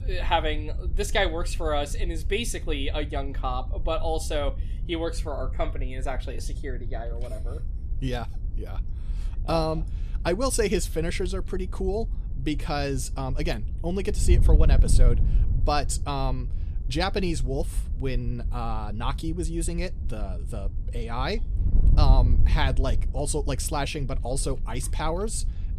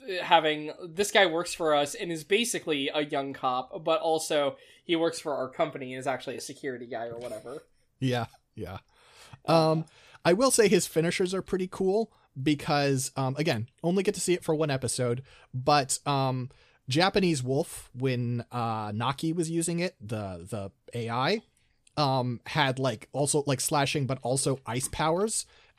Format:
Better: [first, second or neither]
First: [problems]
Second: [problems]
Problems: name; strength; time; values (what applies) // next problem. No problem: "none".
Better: second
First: wind noise on the microphone; occasional gusts; 15 dB below the speech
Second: none